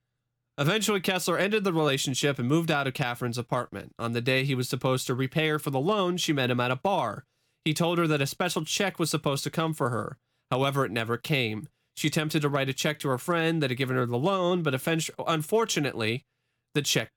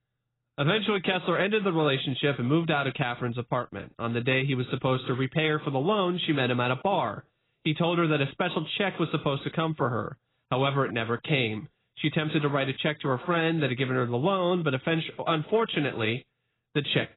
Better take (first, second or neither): first